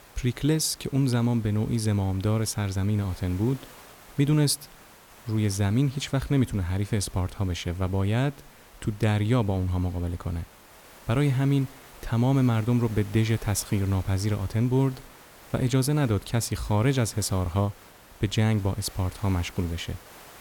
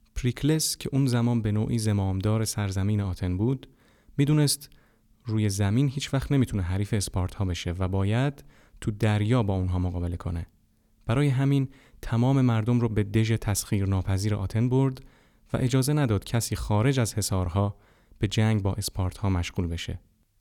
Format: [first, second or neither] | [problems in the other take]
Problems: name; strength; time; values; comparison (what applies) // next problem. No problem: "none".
second | hiss; faint; throughout; 20 dB below the speech